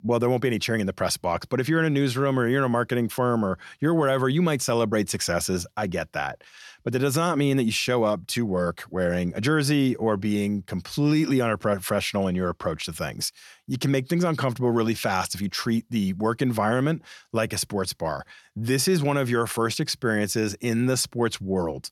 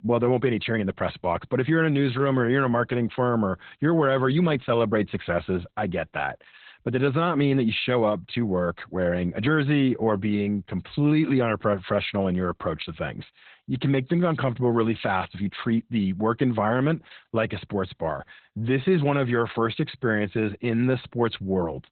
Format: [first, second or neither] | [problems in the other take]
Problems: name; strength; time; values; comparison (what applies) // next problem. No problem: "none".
first | garbled, watery; badly; nothing above 4 kHz